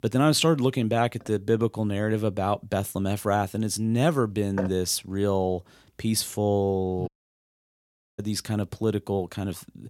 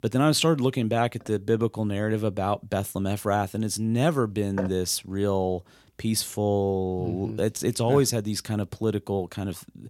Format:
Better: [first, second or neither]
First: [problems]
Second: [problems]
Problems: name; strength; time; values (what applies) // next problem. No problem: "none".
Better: second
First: audio cutting out; at 7 s for 1 s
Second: none